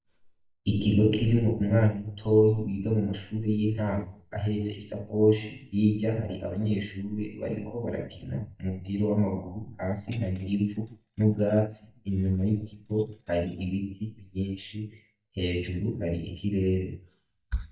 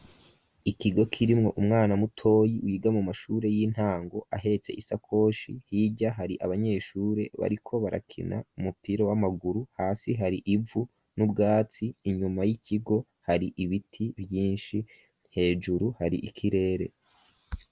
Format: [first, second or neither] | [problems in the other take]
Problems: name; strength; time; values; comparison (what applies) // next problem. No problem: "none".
second | noise reduction (neural mask model DeepFilterNet 3)